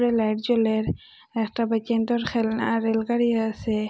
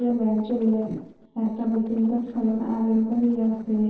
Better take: first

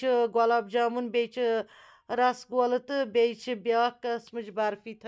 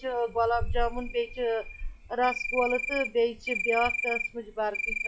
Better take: first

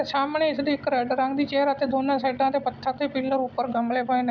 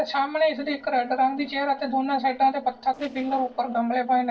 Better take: first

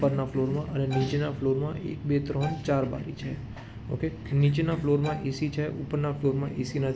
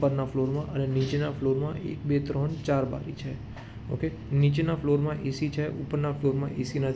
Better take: second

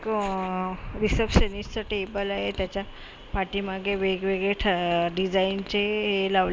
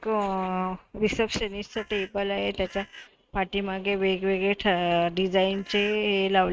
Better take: first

